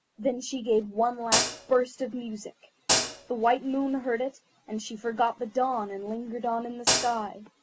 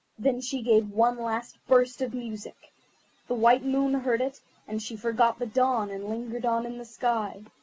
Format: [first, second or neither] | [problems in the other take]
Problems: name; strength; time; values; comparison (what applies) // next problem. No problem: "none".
second | background sound (Hi-hat); 4 dB above the speech